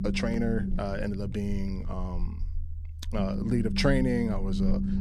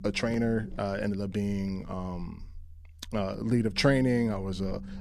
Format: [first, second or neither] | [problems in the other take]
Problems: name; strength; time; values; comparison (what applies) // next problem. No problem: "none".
second | low rumble; loud; throughout; 7 dB below the speech; faint in the second